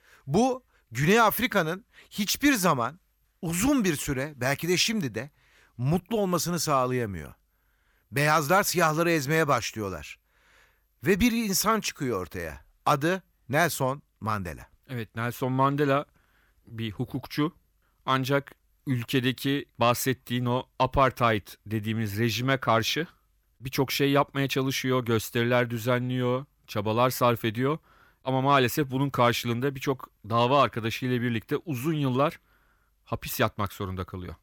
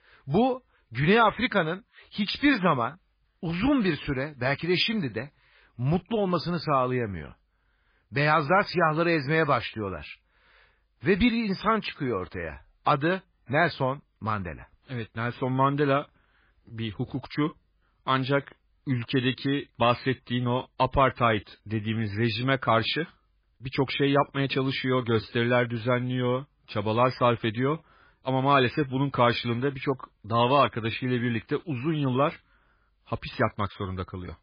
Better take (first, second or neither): first